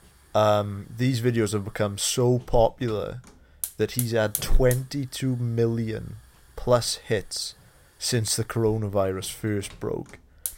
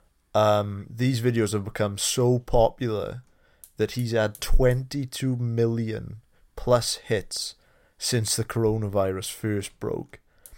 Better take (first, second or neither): second